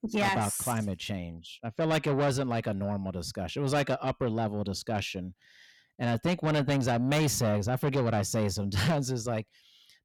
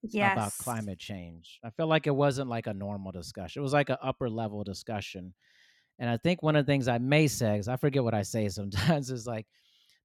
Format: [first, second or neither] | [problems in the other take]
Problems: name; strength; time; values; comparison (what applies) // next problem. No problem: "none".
second | distortion; heavy; 7 dB below the speech